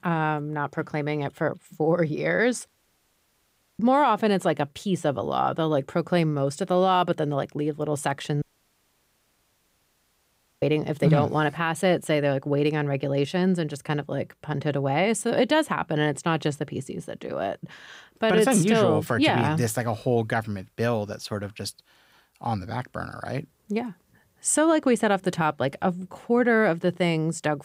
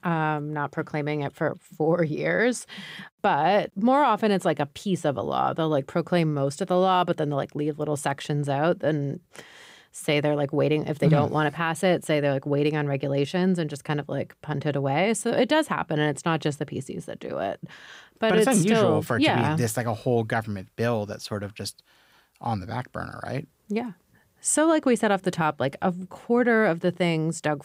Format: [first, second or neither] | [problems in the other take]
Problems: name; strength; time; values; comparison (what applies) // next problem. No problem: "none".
second | audio cutting out; at 2.5 s for 1 s and at 8.5 s for 2 s